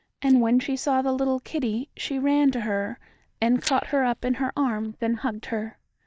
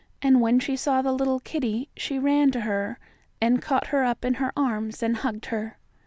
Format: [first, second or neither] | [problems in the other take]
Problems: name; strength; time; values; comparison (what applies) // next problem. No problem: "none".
second | noise reduction (neural mask model DeepFilterNet 3)